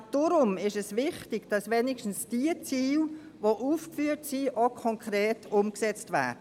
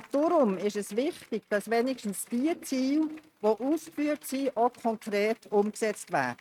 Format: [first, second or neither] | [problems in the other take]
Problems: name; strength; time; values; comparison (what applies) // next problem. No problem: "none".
first | noise reduction (neural mask model RNNoise)